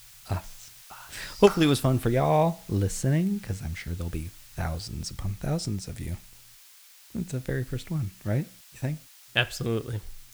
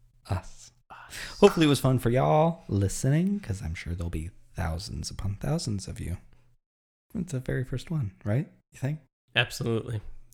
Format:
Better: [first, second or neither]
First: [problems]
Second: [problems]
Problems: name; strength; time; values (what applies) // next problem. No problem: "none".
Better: second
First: hiss; faint; throughout; 20 dB below the speech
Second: none